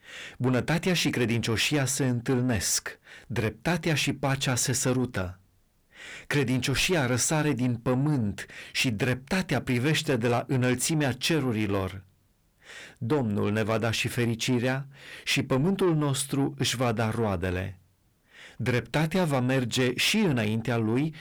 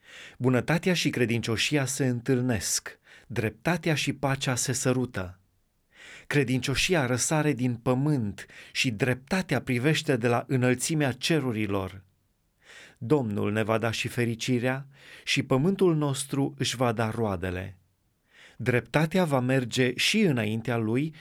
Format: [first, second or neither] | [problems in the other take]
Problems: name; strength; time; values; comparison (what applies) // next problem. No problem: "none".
second | distortion; slight; 10 dB below the speech